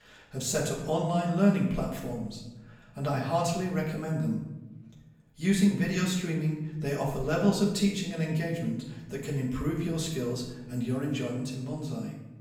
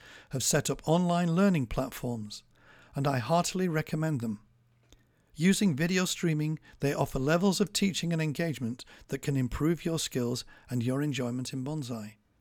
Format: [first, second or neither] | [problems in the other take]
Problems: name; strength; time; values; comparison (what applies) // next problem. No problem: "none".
second | room echo; noticeable; dies away in 0.9 s // off-mic speech; far